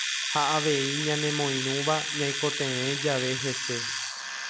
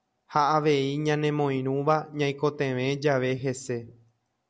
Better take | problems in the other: second | background sound (Domestic sounds, home sounds); 1 dB below the speech

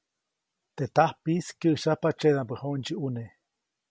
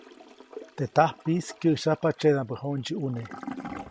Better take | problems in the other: first | background sound (Toilet flush / Gurgling); 16 dB below the speech

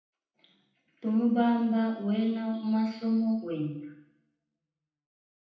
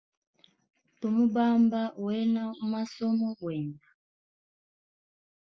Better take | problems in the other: second | room echo; dies away in 0.8 s

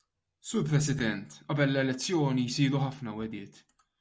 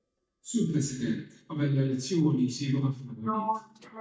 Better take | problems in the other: first | noise reduction (neural mask model DeepFilterNet 3)

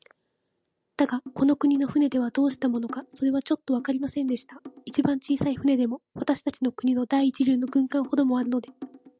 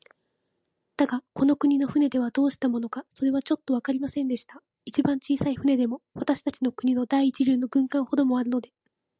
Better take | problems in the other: second | background sound (Drum); 19 dB below the speech

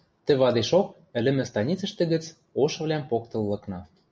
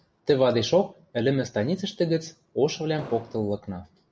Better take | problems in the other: first | background sound (Explosion); 16 dB below the speech

